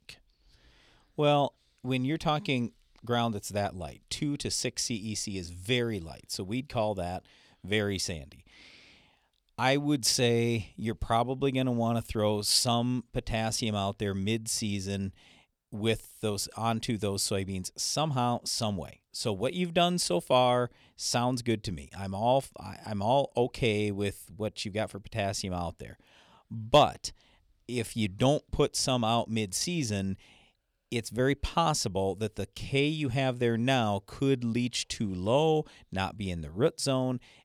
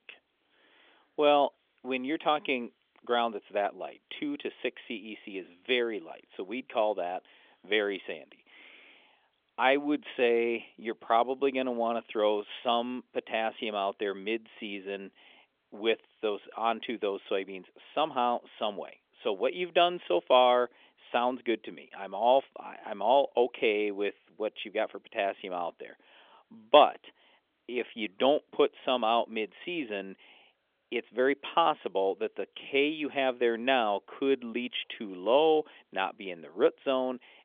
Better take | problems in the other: first | phone-call audio; nothing above 3.5 kHz

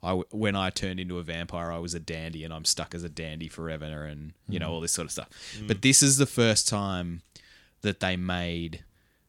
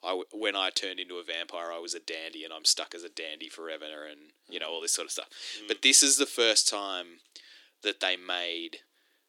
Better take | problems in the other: first | thin; somewhat; fading below 300 Hz

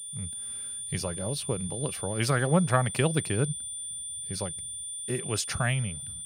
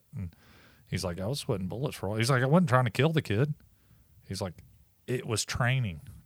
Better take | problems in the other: second | high-pitched whine; loud; throughout; 9 kHz, 5 dB below the speech

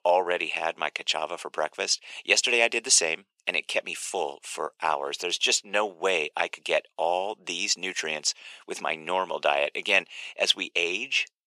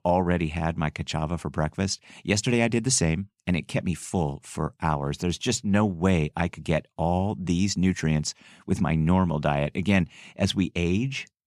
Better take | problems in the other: second | thin; very; fading below 450 Hz

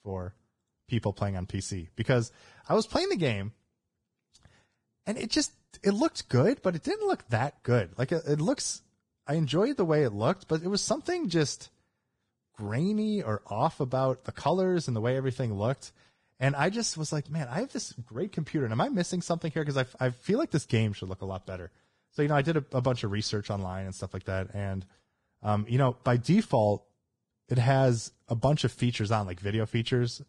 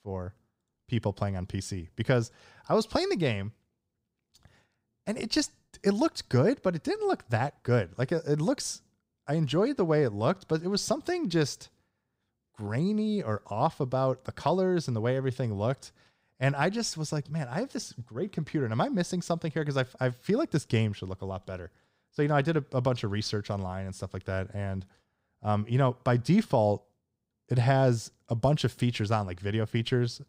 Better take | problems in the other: second | garbled, watery; badly

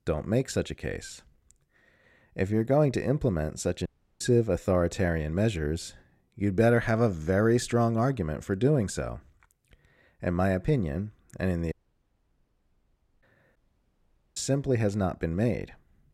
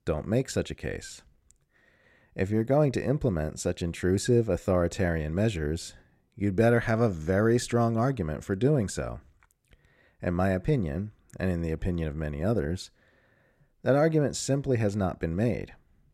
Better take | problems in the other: second | audio cutting out; at 4 s, at 12 s for 1.5 s and at 14 s for 1 s

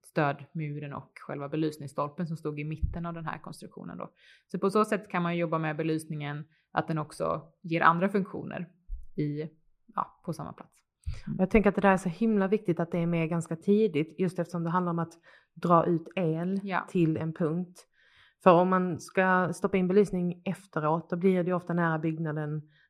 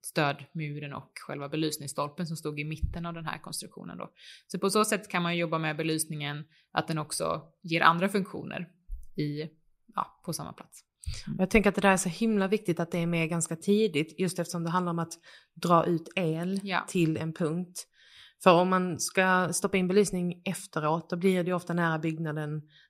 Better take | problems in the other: second | muffled; slightly; fading above 2.5 kHz

